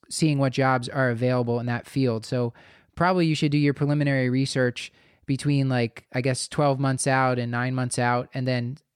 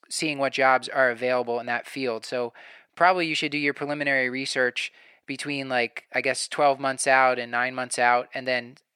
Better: first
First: none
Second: thin; very; fading below 400 Hz

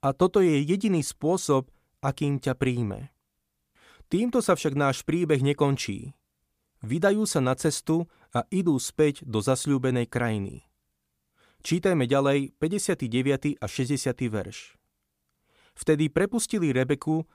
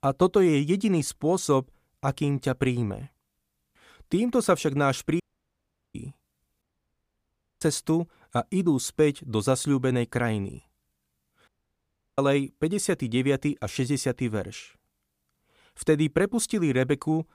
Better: first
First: none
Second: audio cutting out; at 5 s for 0.5 s, at 6.5 s for 1 s and at 11 s for 0.5 s

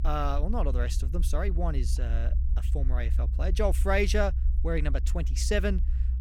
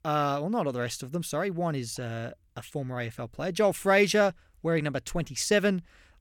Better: second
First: low rumble; noticeable; throughout; 15 dB below the speech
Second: none

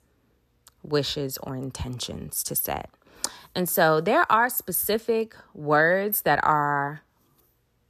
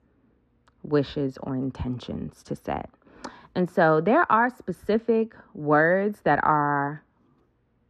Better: first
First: none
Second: muffled; very; fading above 2 kHz

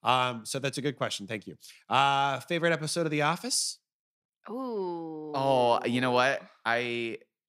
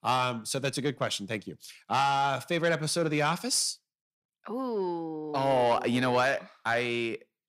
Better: first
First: none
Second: distortion; slight; 10 dB below the speech

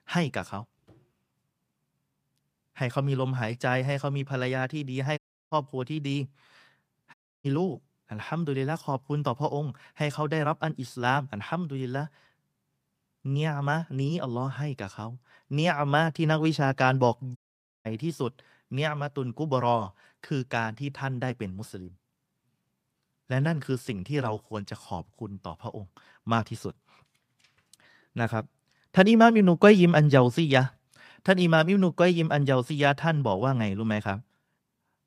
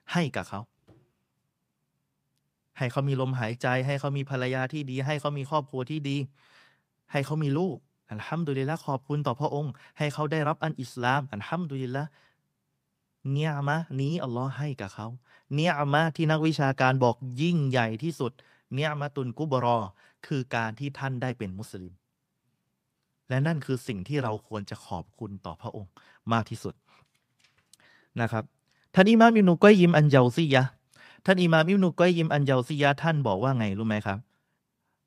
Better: second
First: audio cutting out; at 5 s, at 7 s and at 17 s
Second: none

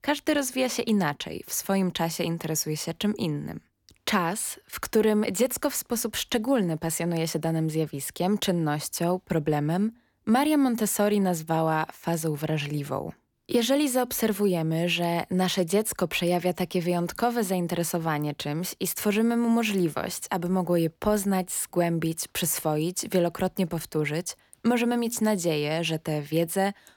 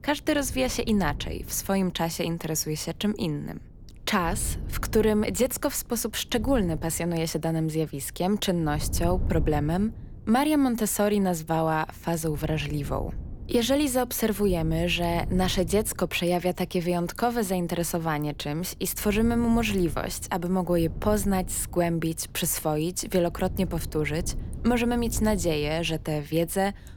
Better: first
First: none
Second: wind noise on the microphone; occasional gusts; 25 dB below the speech

